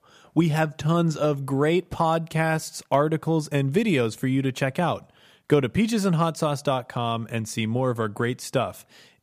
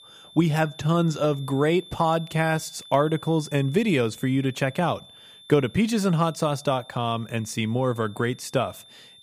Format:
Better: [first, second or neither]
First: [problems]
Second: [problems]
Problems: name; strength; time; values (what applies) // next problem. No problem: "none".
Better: first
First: none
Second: high-pitched whine; faint; throughout; 3.5 kHz, 20 dB below the speech